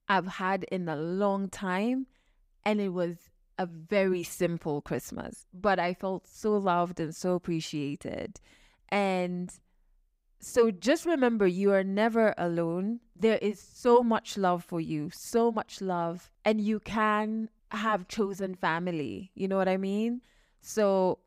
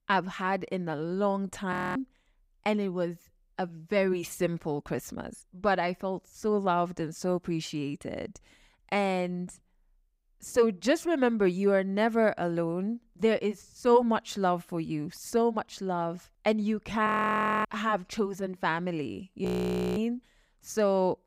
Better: first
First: none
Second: audio freezing; at 1.5 s, at 17 s for 0.5 s and at 19 s for 0.5 s

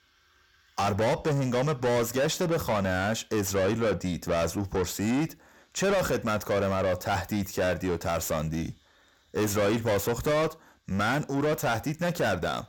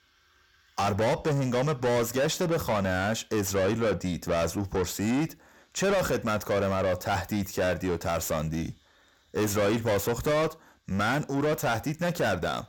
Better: neither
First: distortion; heavy; 5 dB below the speech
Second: distortion; heavy; 5 dB below the speech

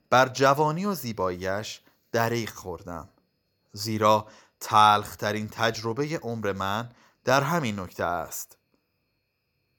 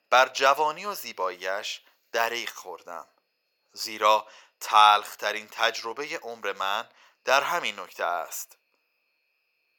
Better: first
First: none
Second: thin; very; fading below 650 Hz

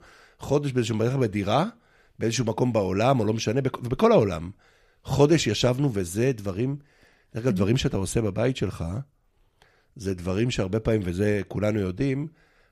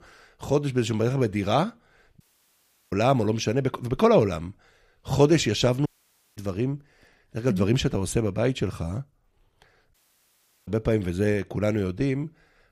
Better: first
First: none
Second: audio cutting out; at 2 s for 0.5 s, at 6 s for 0.5 s and at 10 s for 0.5 s

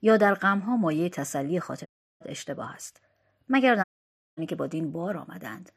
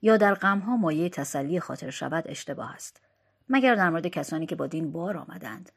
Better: second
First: audio cutting out; at 2 s and at 4 s for 0.5 s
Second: none

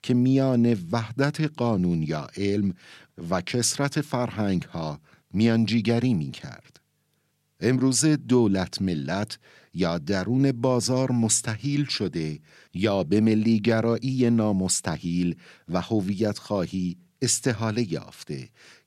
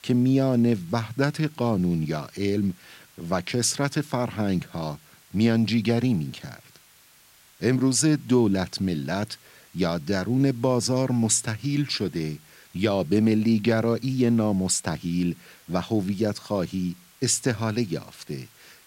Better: first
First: none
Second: hiss; faint; throughout; 30 dB below the speech

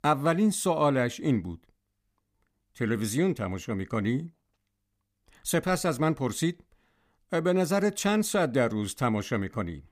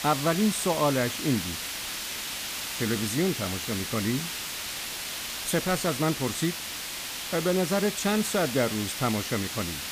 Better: first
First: none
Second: hiss; loud; throughout; 4 dB below the speech

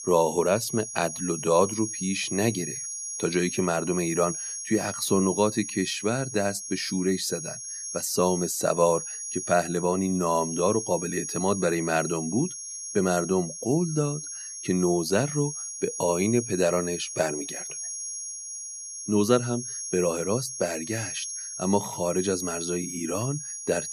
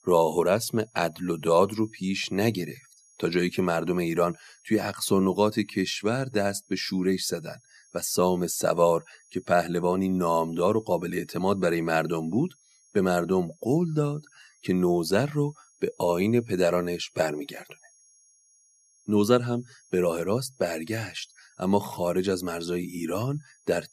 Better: second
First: high-pitched whine; loud; throughout; 6.5 kHz, 6 dB below the speech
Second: high-pitched whine; faint; throughout; 6.5 kHz, 30 dB below the speech

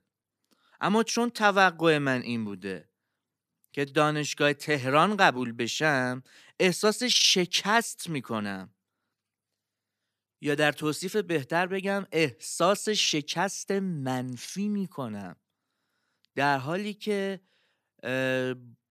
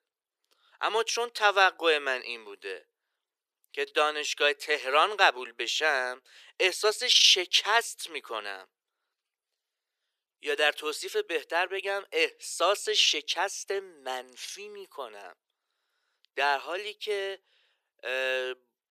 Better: first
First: none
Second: thin; very; fading below 400 Hz

